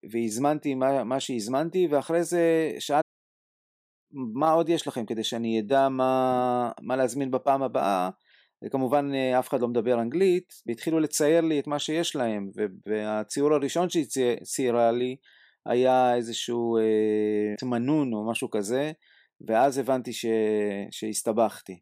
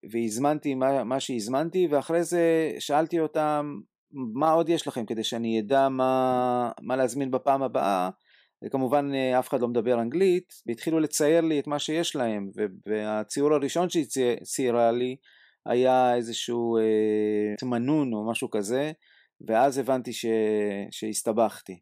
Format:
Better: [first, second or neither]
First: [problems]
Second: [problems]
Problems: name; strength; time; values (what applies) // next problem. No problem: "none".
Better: second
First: audio cutting out; at 3 s for 1 s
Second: none